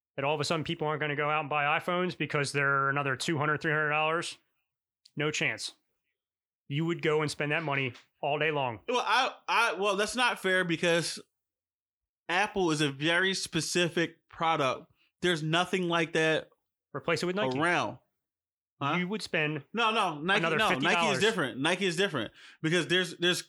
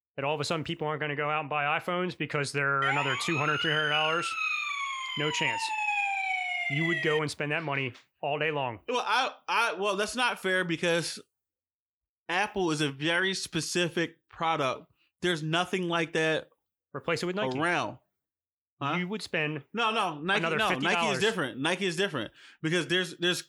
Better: first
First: none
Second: siren; loud; from 3 to 7 s; peak 2 dB above the speech

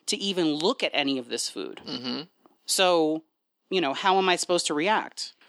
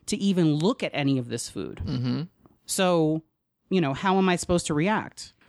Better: second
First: thin; somewhat; fading below 300 Hz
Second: none

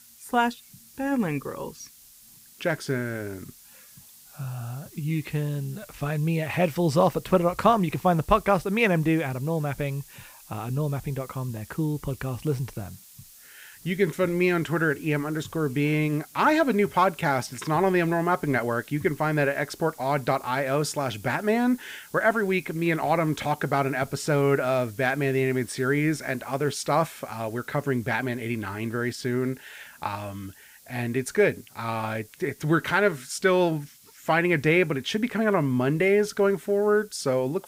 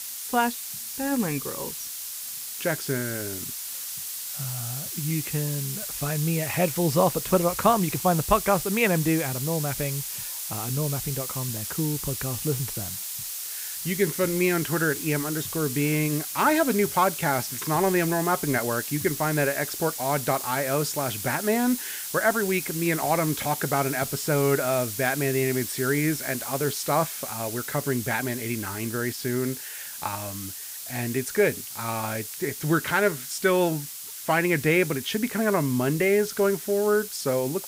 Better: first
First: hiss; faint; throughout; 25 dB below the speech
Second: hiss; loud; throughout; 6 dB below the speech

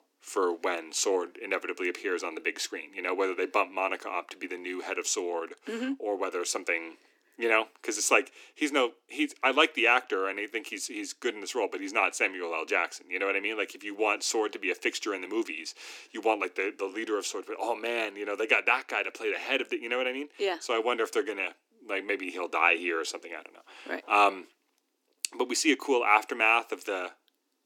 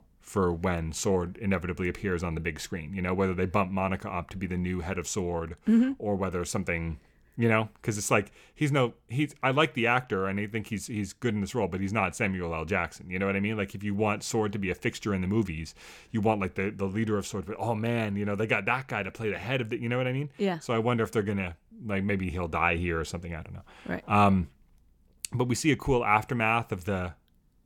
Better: second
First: thin; somewhat; fading below 250 Hz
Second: none

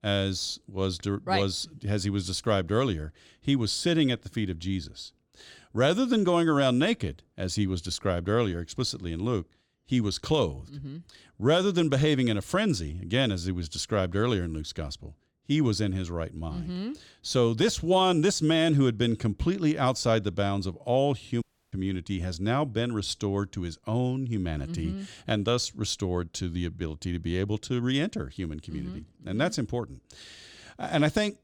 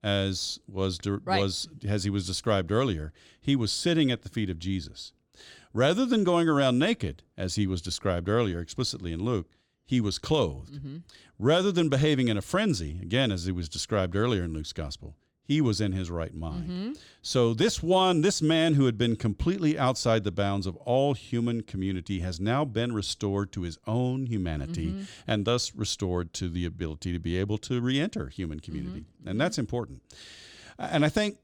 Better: second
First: audio cutting out; at 21 s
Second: none

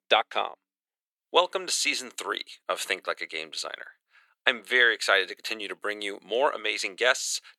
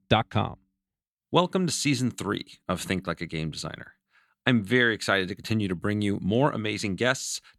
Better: second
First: thin; very; fading below 450 Hz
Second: none

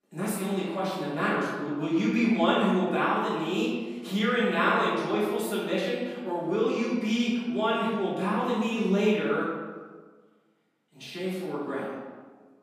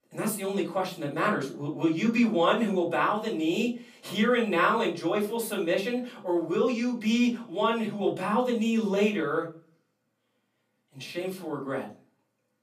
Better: second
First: room echo; strong; dies away in 1.2 s // off-mic speech; far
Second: room echo; slight; dies away in 0.3 s // off-mic speech; far

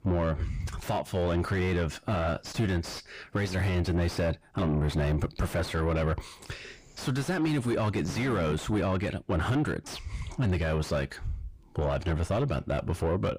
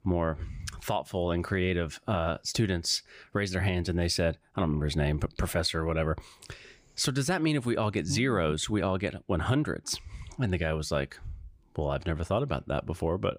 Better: second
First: distortion; heavy; 6 dB below the speech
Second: none

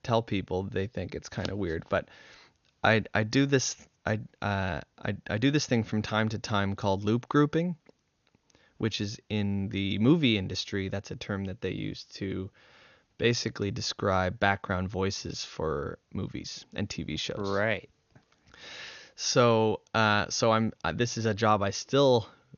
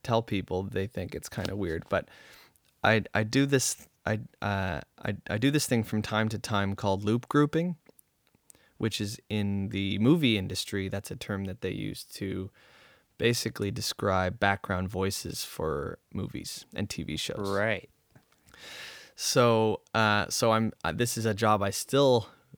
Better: second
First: garbled, watery; slightly; nothing above 6.5 kHz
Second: none

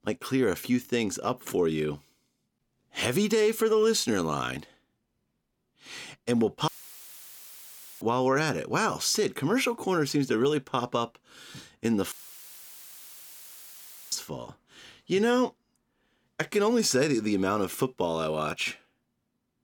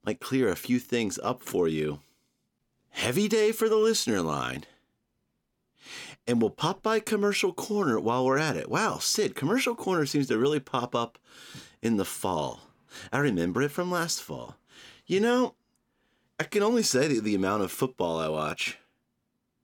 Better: second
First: audio cutting out; filled with static; at 6.5 s for 1.5 s and at 12 s for 2 s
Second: none

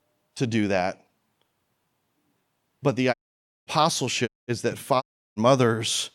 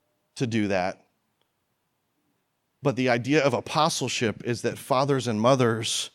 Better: second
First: audio cutting out; at 3 s for 0.5 s, at 4.5 s and at 5 s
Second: none

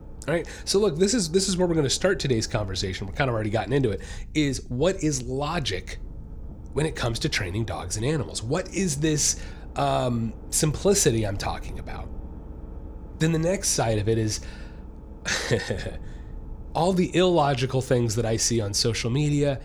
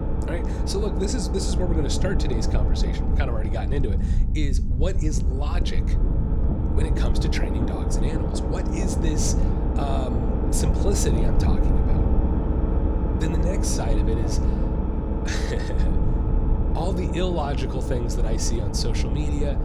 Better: first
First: low rumble; faint; throughout; 25 dB below the speech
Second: low rumble; loud; throughout; 1 dB below the speech

